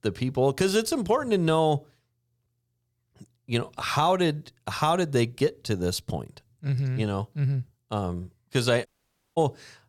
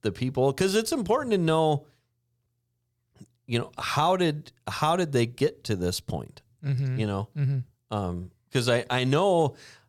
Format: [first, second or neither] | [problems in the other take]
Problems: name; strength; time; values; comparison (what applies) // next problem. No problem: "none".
second | audio cutting out; at 9 s for 0.5 s